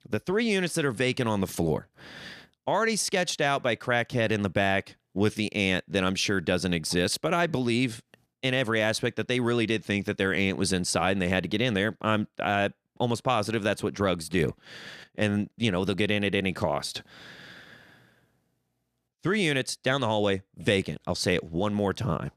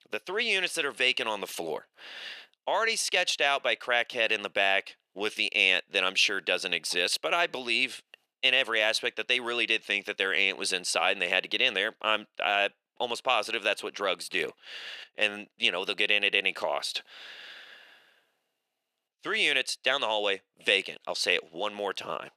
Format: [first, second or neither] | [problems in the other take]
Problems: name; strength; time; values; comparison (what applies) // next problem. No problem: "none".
first | thin; very; fading below 550 Hz